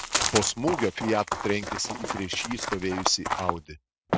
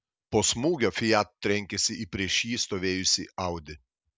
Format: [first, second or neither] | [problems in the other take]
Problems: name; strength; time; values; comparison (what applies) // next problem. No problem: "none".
second | noise reduction (neural mask model RNNoise)